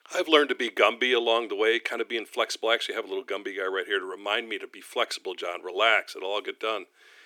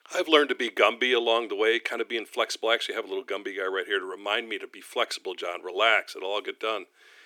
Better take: neither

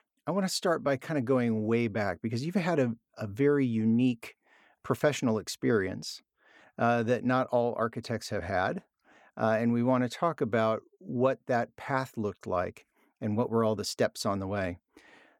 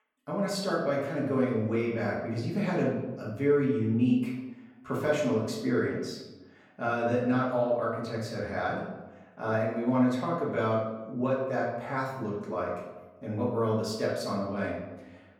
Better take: first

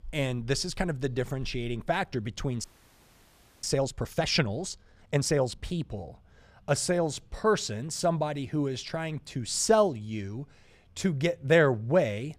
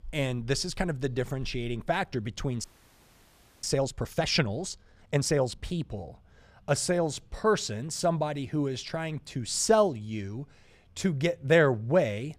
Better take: neither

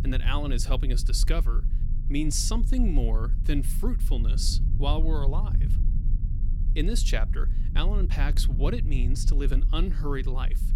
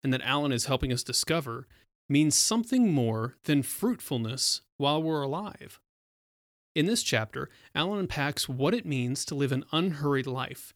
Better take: second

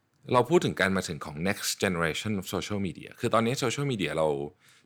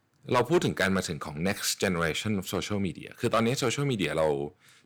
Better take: first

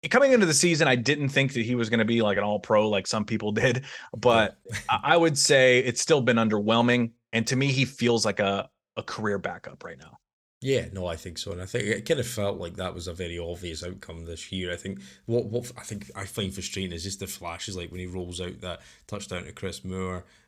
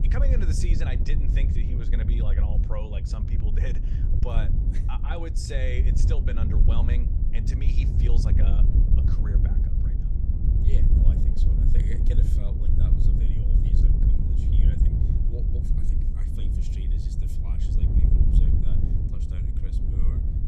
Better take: first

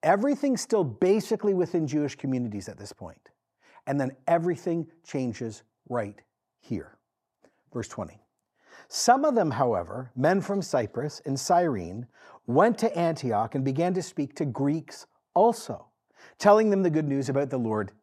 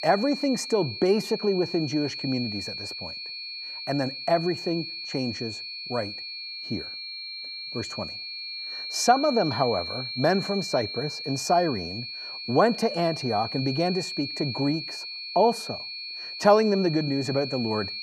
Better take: first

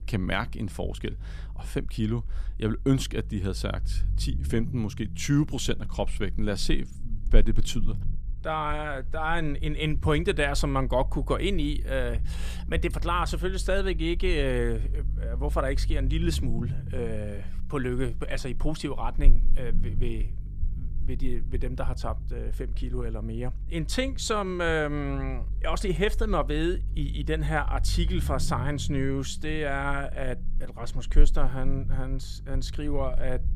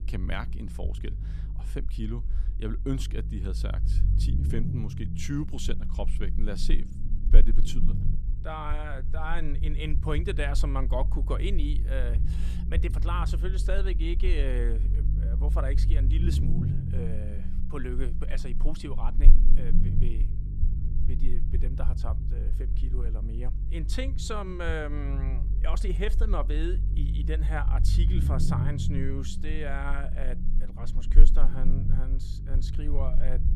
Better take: first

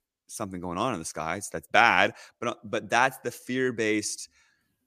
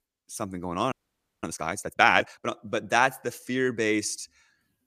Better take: first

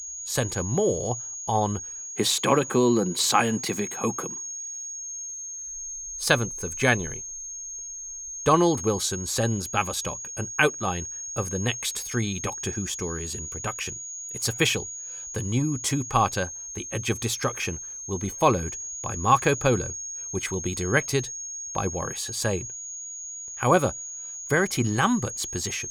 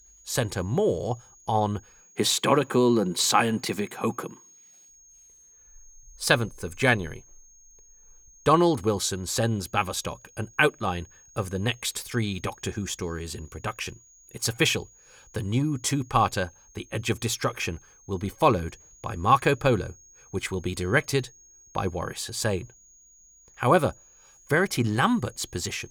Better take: second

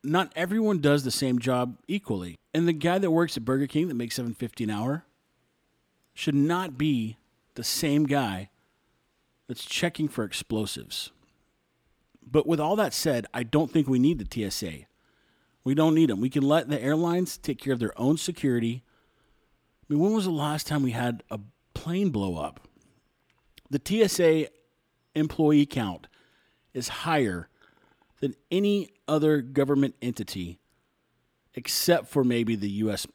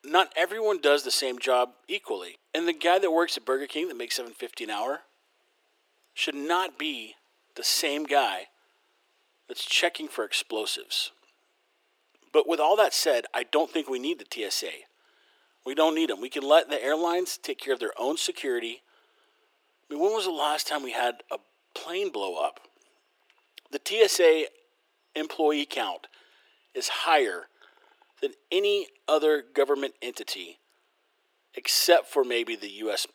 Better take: first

